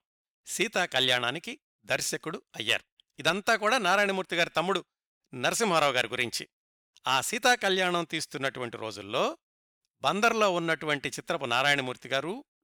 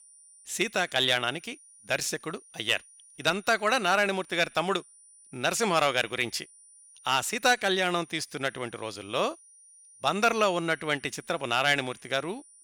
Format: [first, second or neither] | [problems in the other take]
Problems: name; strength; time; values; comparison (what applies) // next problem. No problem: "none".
first | high-pitched whine; faint; throughout; 9.5 kHz, 25 dB below the speech